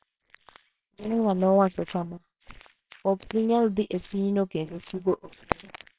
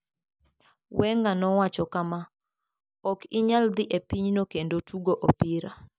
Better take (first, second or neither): second